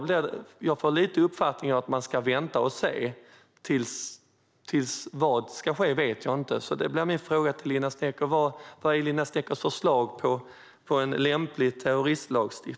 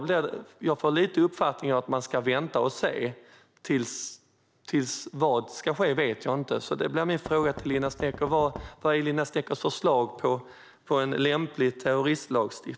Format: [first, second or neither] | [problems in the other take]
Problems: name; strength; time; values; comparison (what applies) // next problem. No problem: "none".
first | background sound (Knock); 14 dB below the speech